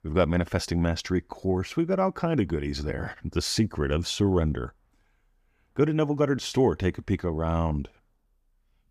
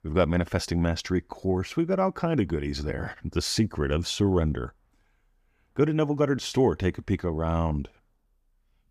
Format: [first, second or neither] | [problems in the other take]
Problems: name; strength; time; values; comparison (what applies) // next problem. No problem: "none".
neither | none